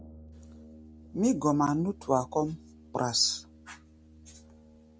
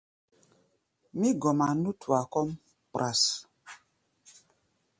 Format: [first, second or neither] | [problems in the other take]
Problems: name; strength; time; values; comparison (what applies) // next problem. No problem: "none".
second | background sound (Brass instrument); 20 dB below the speech